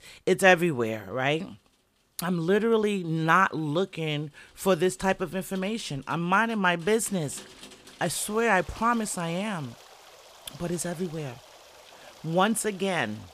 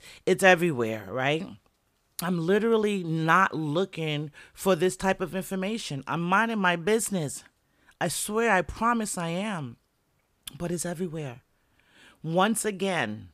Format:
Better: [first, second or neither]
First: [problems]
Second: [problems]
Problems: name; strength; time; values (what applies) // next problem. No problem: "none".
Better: second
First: rain or running water; faint; throughout; 25 dB below the speech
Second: none